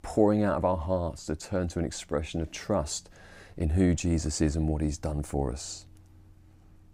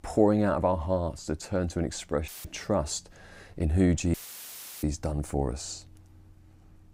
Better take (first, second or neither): first